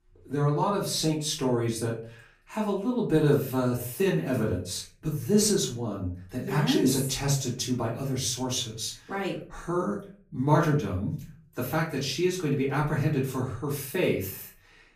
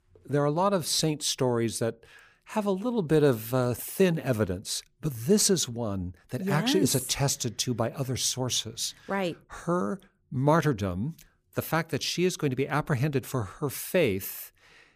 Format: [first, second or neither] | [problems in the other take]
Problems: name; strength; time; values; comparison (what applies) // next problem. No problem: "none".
second | off-mic speech; far // room echo; slight; dies away in 0.3 s